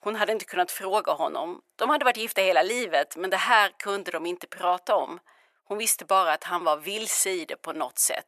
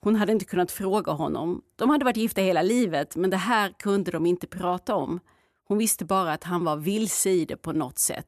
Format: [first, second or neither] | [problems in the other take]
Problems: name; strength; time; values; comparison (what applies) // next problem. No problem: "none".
second | thin; very; fading below 650 Hz